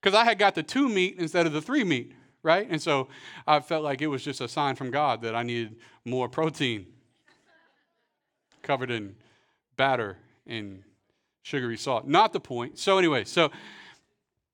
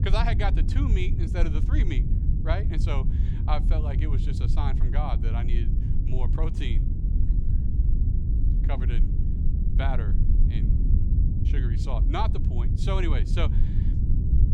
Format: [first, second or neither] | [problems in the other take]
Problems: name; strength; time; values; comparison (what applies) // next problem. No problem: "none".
first | low rumble; loud; throughout; 6 dB below the speech